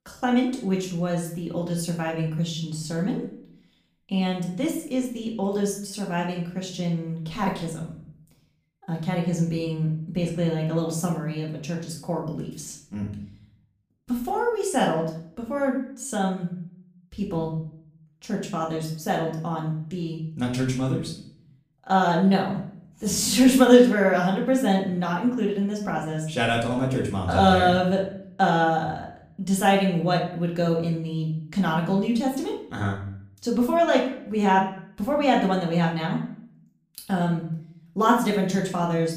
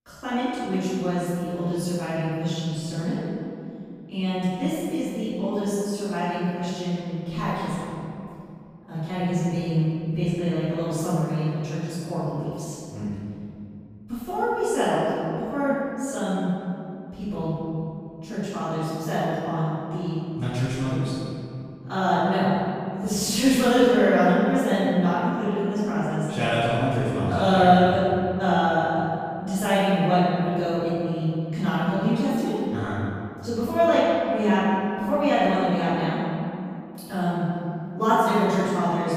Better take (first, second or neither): first